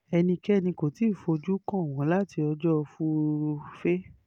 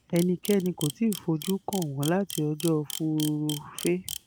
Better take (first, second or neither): first